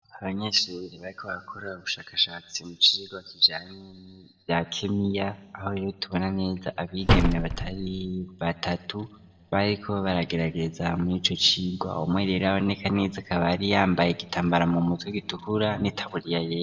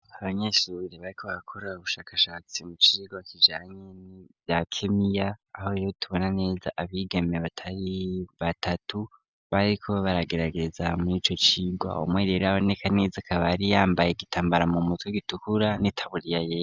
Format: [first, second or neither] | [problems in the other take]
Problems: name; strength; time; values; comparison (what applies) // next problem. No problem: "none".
second | background sound (Slam); 3 dB above the speech // room echo; dies away in 1.4 s